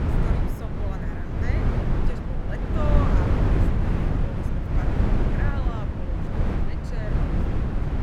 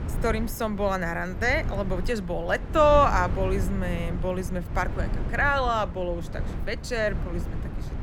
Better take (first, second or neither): second